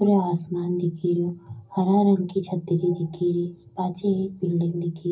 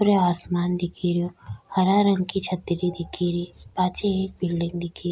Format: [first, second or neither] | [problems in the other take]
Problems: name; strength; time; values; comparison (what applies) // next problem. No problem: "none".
second | room echo; dies away in 0.4 s